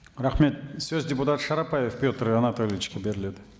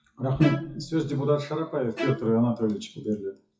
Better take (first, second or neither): first